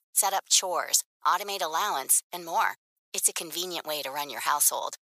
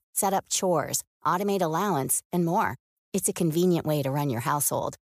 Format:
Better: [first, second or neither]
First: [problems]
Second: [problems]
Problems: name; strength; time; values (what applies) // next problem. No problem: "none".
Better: second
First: thin; very; fading below 950 Hz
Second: none